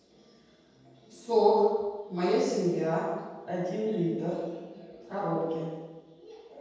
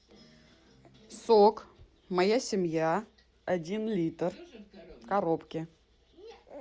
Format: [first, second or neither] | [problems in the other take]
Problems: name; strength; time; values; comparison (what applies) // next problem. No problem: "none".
second | room echo; dies away in 1.2 s